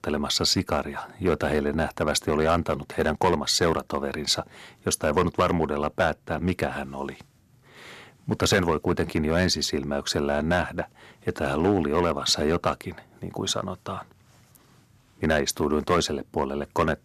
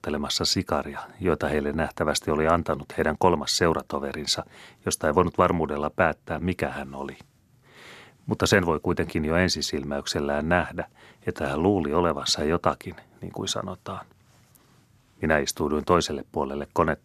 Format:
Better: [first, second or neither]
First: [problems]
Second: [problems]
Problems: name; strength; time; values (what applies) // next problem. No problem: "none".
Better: second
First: distortion; slight; 1.9% of the sound clipped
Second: none